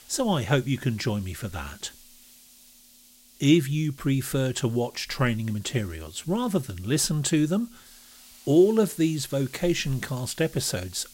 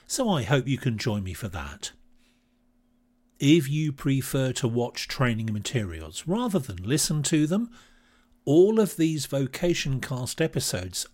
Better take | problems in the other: second | hiss; faint; throughout; 25 dB below the speech

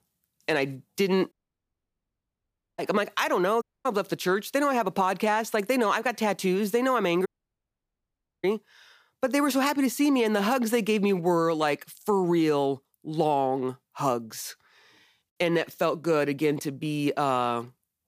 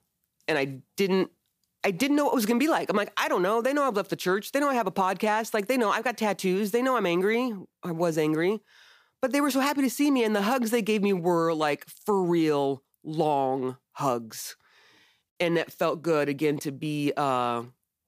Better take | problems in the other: second | audio cutting out; at 1.5 s for 1.5 s, at 3.5 s and at 7.5 s for 1 s

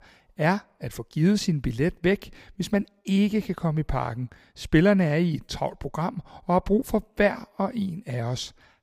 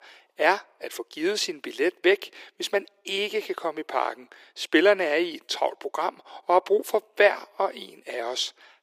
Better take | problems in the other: first | thin; very; fading below 350 Hz

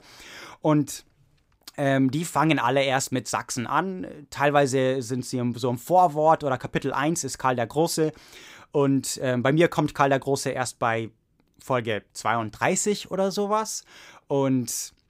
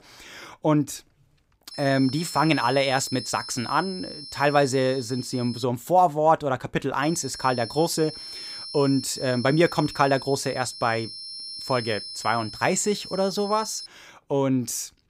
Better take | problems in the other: first | high-pitched whine; noticeable; from 1.5 to 5.5 s and from 7 to 14 s; 5.5 kHz, 10 dB below the speech

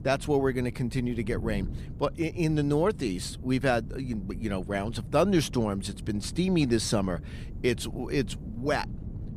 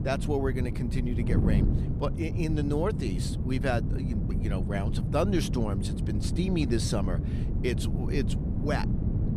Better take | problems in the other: first | wind noise on the microphone; heavy; 6 dB below the speech; occasional gusts in the first

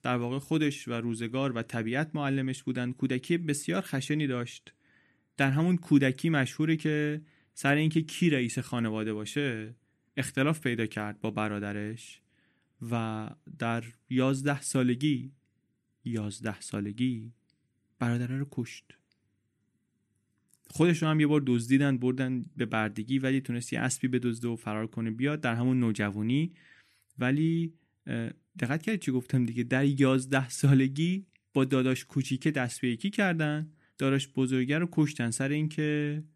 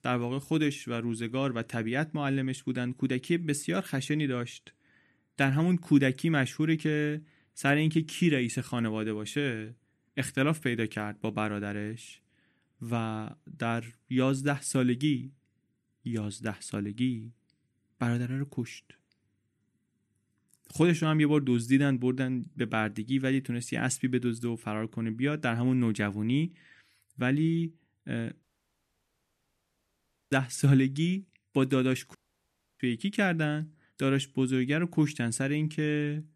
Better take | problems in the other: first | audio cutting out; at 28 s for 2 s and at 32 s for 0.5 s

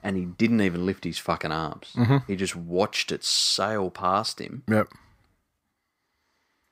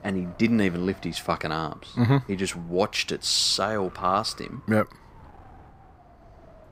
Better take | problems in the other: first | wind noise on the microphone; occasional gusts; 25 dB below the speech

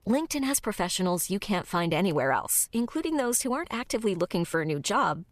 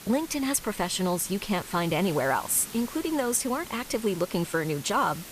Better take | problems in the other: first | hiss; noticeable; throughout; 15 dB below the speech

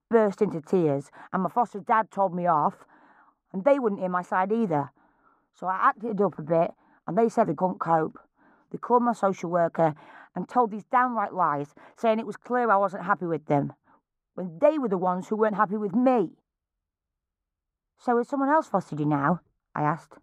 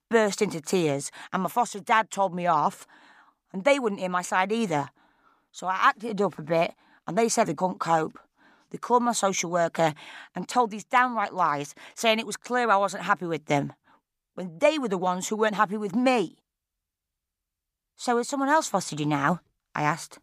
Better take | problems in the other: second | muffled; very; fading above 1.5 kHz

